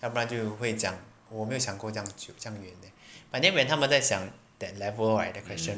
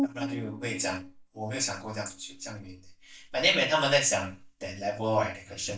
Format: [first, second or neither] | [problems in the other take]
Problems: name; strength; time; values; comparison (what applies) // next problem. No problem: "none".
first | noise reduction (neural mask model DeepFilterNet 3)